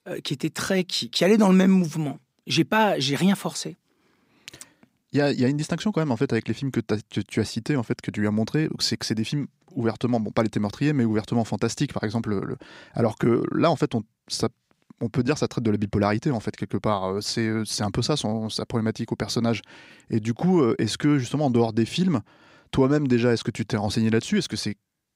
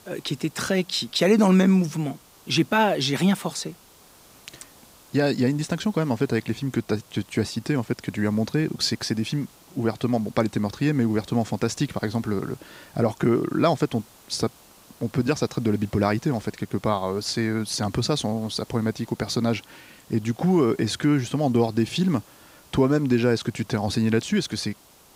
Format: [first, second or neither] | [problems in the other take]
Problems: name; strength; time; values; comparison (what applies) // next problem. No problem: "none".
first | hiss; faint; throughout; 25 dB below the speech